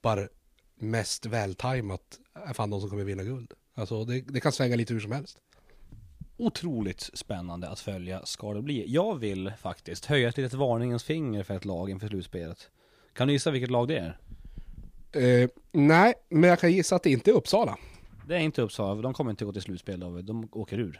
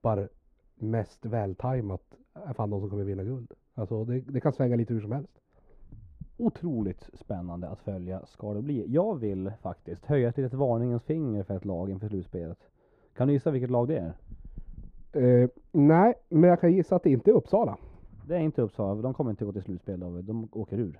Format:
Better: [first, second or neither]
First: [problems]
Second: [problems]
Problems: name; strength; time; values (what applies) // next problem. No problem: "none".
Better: first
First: none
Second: muffled; very; fading above 2 kHz